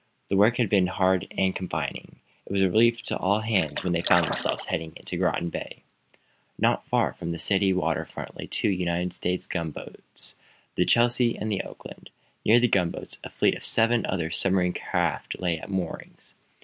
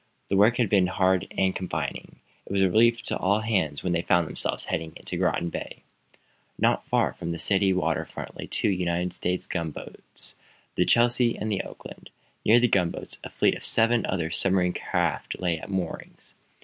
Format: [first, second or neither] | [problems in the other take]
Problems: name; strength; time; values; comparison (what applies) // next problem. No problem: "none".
second | noise reduction (neural mask model Resemble Enhance denoiser)